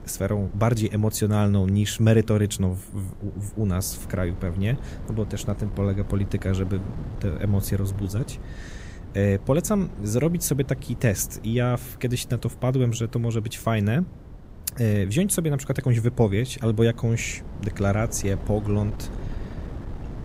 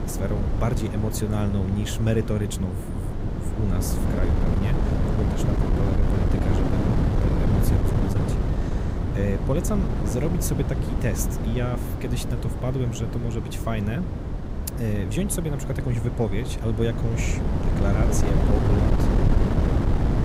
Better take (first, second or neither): first